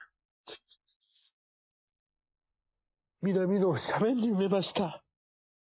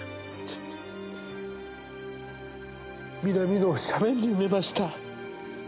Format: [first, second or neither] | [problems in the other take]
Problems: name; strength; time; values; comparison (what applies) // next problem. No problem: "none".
second | noise reduction (neural mask model Resemble Enhance denoiser)